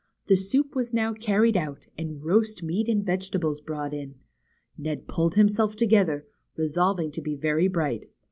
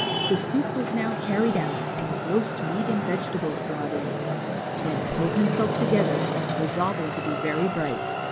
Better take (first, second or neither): first